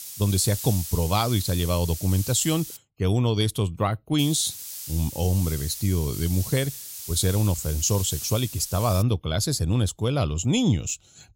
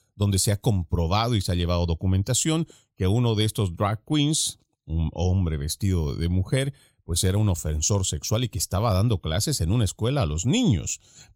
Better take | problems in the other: second | hiss; loud; until 3 s and from 4 to 9 s; 9 dB below the speech

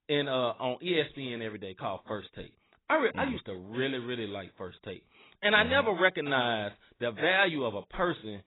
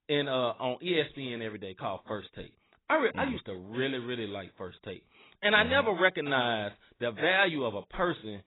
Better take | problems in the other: neither | garbled, watery; badly; nothing above 4 kHz; the same in both

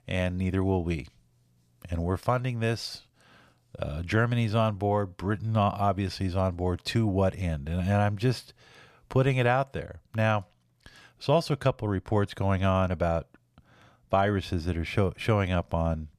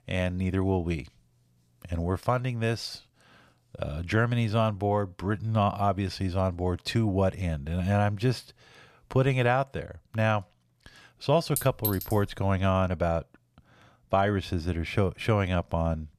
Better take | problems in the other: first | clattering dishes; noticeable; at 12 s; peak 3 dB below the speech

